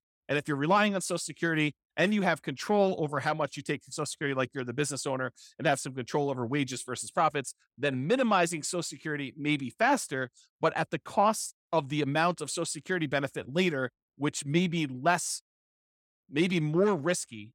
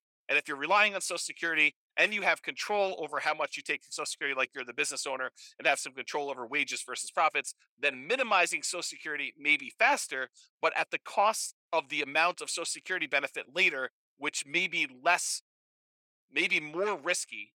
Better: first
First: none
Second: thin; somewhat; fading below 550 Hz

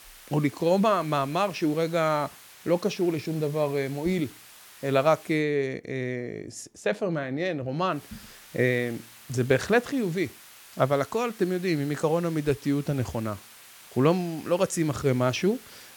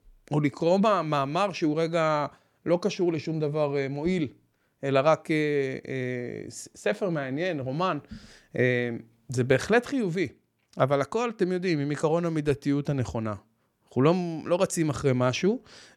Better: second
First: hiss; faint; until 5.5 s and from 8 s on; 20 dB below the speech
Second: none

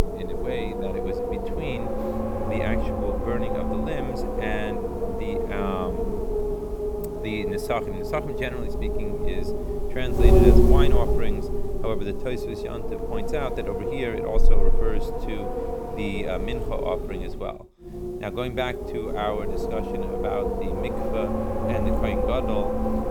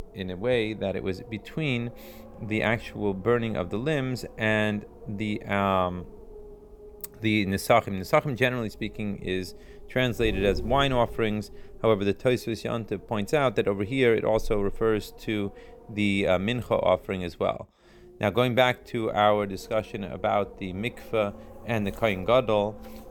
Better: second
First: wind noise on the microphone; heavy; 3 dB above the speech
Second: wind noise on the microphone; occasional gusts; 20 dB below the speech

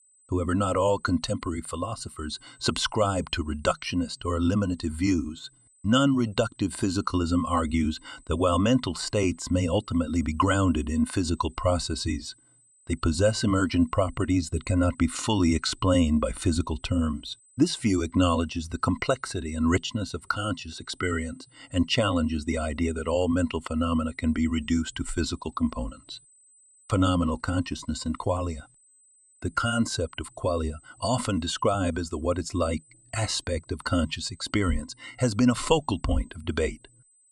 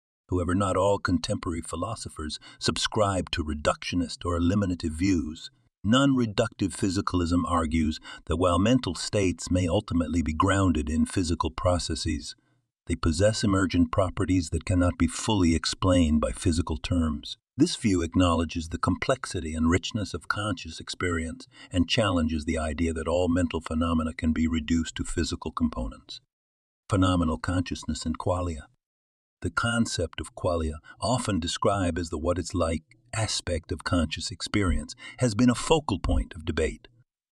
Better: second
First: high-pitched whine; faint; throughout; 8 kHz, 30 dB below the speech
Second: none

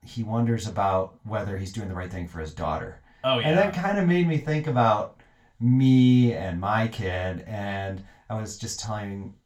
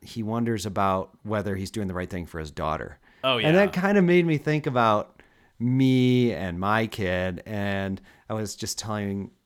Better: second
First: room echo; slight; dies away in 0.2 s // off-mic speech; far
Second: none

